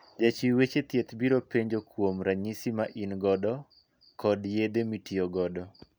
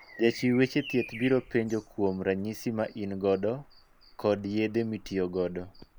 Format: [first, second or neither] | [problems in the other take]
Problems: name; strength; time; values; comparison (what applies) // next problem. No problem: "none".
first | background sound (Bird vocalization, bird call, bird song); 19 dB below the speech